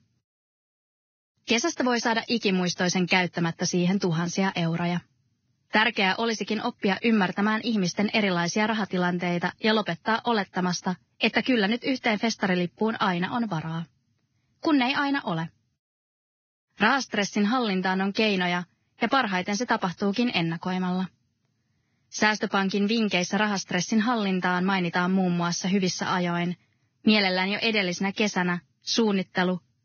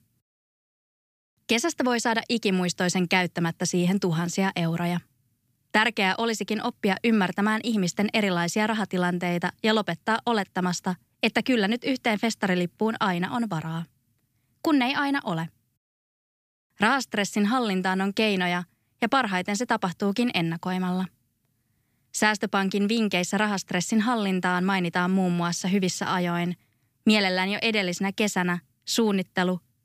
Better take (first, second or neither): second